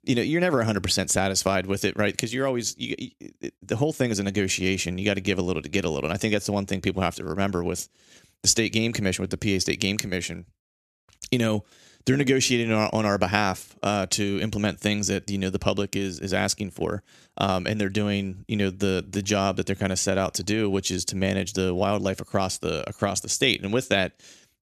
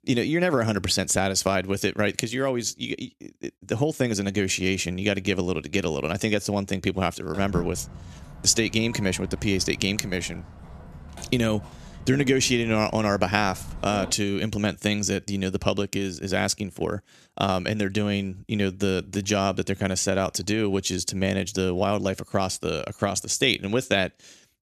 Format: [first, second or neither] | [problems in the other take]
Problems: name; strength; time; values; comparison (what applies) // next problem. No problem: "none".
first | footsteps; noticeable; from 7.5 to 14 s; peak 8 dB below the speech